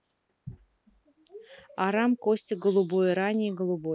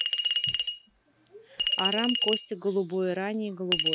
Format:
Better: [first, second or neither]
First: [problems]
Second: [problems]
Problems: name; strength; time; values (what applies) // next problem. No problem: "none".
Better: first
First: none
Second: background sound (Chink, clink); 1 dB above the speech